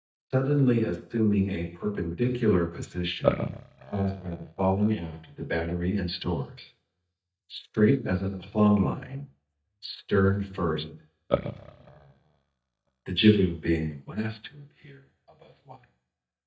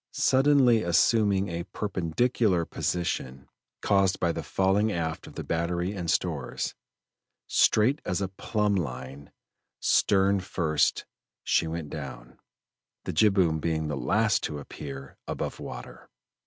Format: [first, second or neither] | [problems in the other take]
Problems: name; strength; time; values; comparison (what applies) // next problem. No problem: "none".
second | noise reduction (neural mask model DeepFilterNet 3)